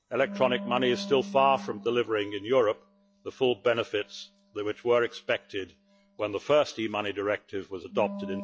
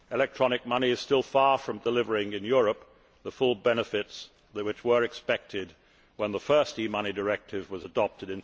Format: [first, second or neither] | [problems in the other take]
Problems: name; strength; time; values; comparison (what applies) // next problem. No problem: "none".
second | noise reduction (classical method log-MMSE)